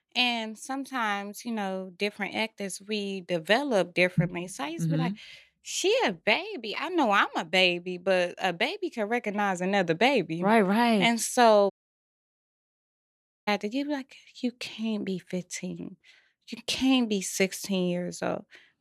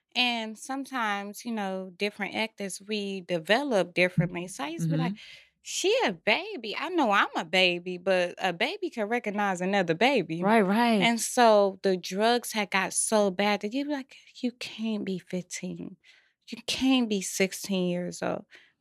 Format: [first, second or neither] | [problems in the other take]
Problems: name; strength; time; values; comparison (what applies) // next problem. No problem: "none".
second | audio cutting out; at 12 s for 2 s